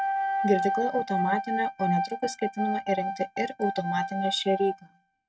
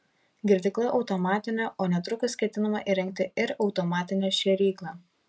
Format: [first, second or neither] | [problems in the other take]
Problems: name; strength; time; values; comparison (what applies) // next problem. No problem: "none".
second | noise reduction (neural mask model RNNoise)